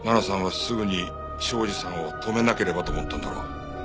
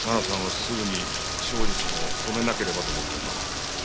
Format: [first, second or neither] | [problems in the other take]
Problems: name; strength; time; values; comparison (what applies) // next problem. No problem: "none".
first | background sound (Rain); 2 dB above the speech